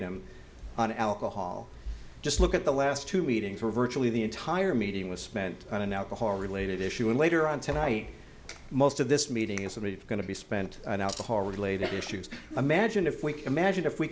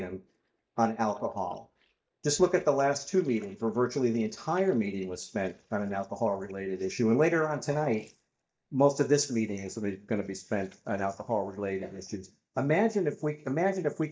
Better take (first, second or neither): first